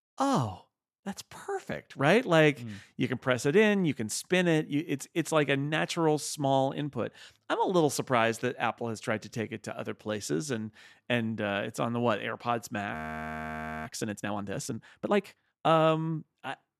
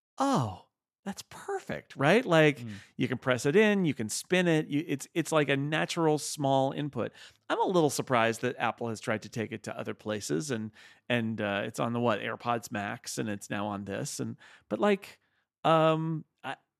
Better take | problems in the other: second | audio freezing; at 13 s for 1 s

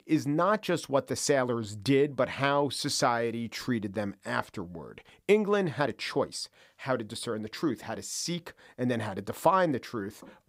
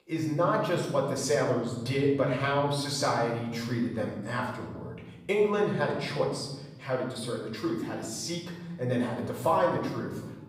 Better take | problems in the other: first | off-mic speech; far // room echo; noticeable; dies away in 1.5 s

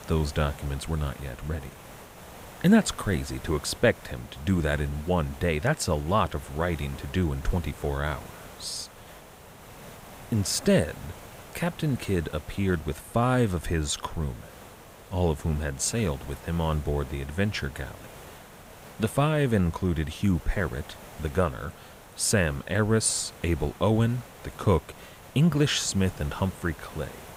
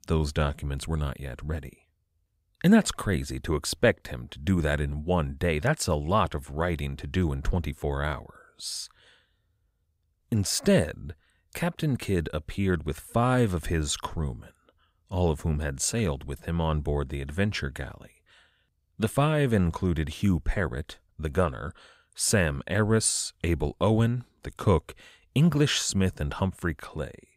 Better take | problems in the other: second | hiss; noticeable; throughout; 20 dB below the speech

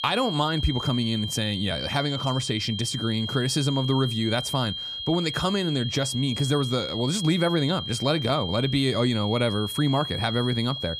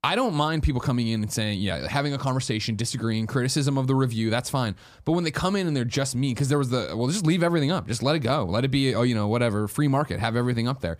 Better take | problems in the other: second | high-pitched whine; loud; throughout; 3 kHz, 5 dB below the speech

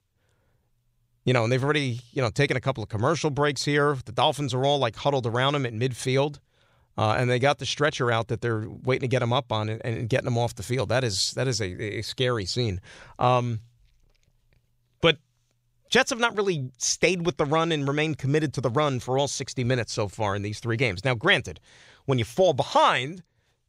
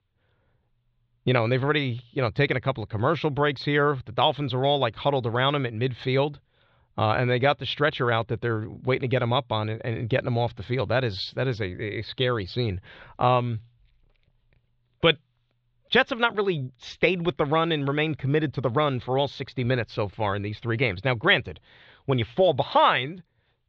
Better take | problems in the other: first | muffled; slightly; fading above 4 kHz

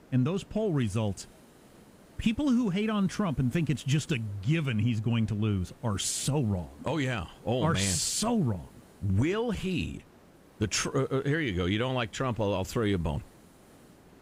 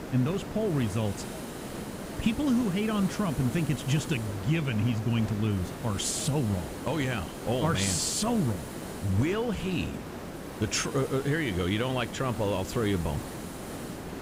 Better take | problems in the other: first | hiss; loud; throughout; 9 dB below the speech; faint in the first

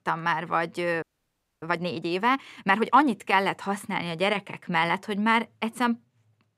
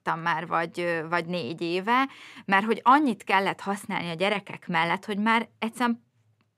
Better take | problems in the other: second | audio freezing; at 1 s for 0.5 s

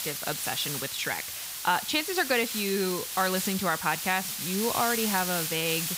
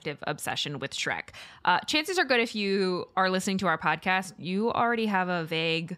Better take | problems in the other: second | hiss; loud; throughout; 2 dB below the speech

